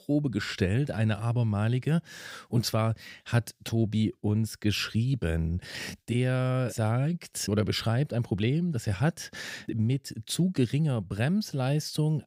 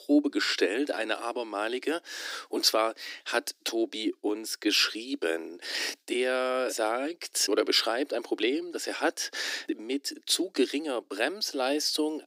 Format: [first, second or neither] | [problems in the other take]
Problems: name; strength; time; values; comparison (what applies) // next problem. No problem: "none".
first | thin; somewhat; fading below 300 Hz